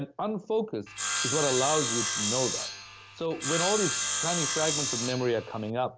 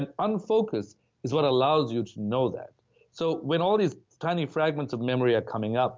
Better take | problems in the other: second | background sound (Sawing); as loud as the speech

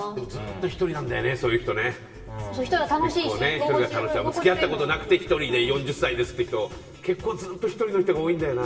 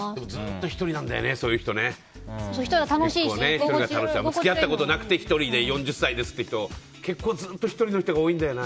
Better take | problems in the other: second | room echo; dies away in 1.2 s

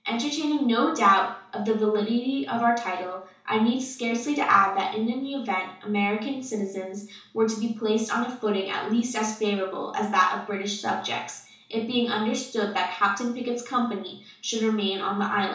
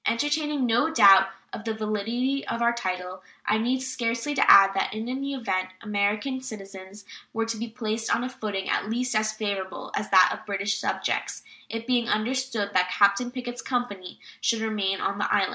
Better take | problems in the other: second | room echo; dies away in 0.8 s

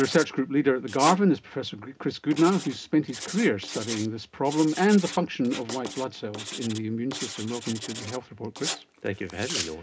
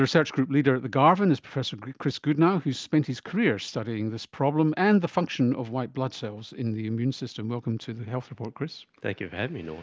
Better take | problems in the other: second | background sound (Writing); 12 dB below the speech // room echo; dies away in 0.3 s

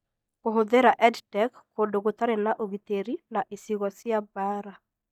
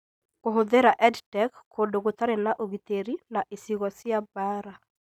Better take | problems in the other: second | noise reduction (neural mask model DeepFilterNet 3)

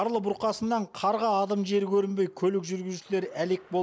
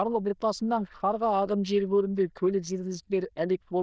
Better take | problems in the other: first | noise reduction (neural diffusion model UNIVERSE++)

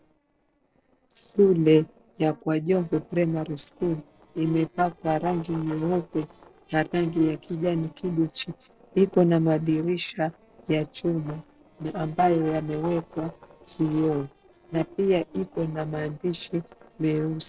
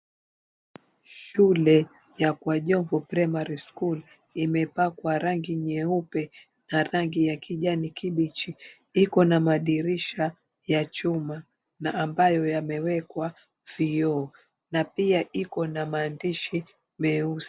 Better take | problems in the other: second | noise reduction (neural separator model SepFormer DNS4)

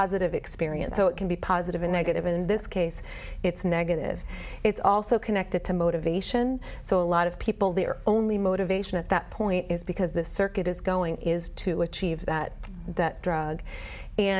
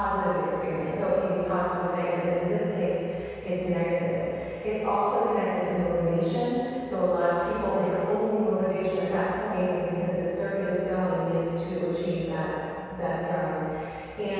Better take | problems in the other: first | room echo; dies away in 2.2 s

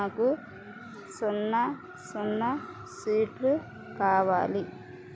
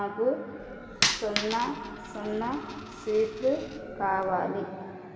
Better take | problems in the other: first | background sound (Coin (dropping)); 5 dB below the speech // room echo; dies away in 2.4 s

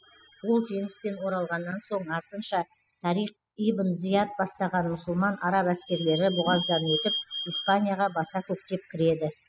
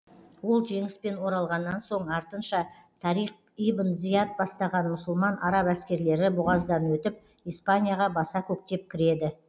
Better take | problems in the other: second | noise reduction (classical method spectral subtraction)

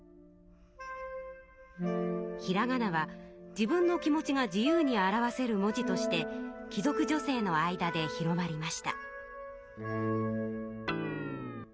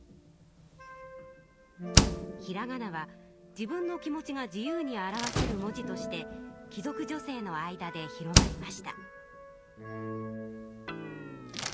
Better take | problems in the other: first | background sound (Slam); 3 dB above the speech

